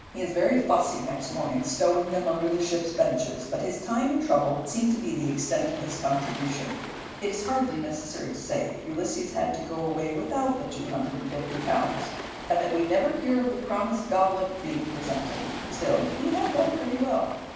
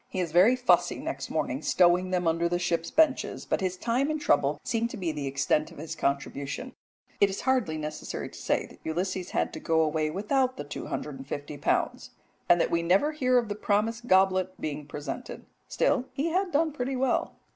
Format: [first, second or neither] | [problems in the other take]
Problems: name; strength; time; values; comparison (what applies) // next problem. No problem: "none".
second | background sound (Waves, surf); 12 dB below the speech // room echo; dies away in 1.2 s